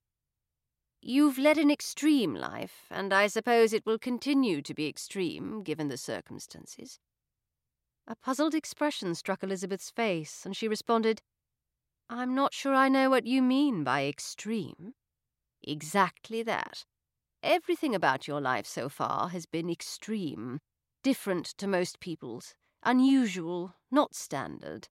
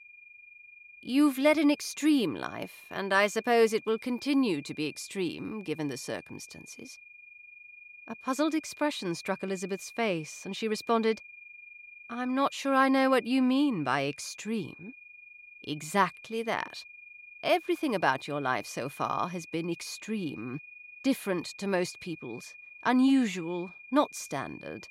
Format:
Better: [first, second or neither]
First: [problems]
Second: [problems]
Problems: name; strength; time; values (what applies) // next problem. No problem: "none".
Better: first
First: none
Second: high-pitched whine; noticeable; throughout; 2.5 kHz, 20 dB below the speech